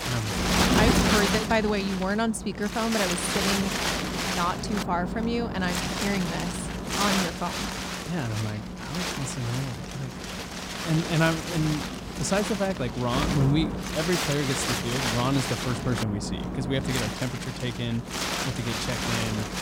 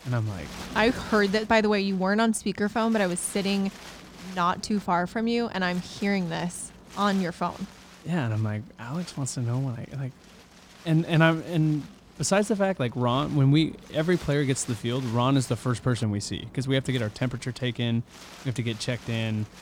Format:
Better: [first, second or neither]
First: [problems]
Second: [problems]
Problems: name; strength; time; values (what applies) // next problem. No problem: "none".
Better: second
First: wind noise on the microphone; heavy; 1 dB above the speech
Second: wind noise on the microphone; occasional gusts; 20 dB below the speech